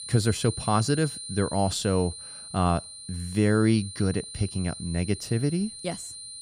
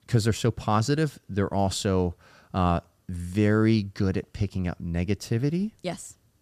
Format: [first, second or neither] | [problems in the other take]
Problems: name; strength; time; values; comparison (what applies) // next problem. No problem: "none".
second | high-pitched whine; noticeable; throughout; 9 kHz, 10 dB below the speech